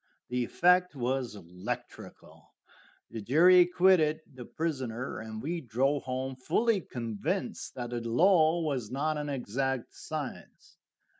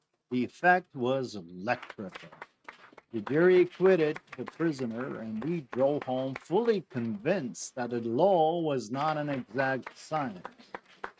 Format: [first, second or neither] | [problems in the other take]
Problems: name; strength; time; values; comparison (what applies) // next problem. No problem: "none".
first | noise reduction (neural mask model RNNoise)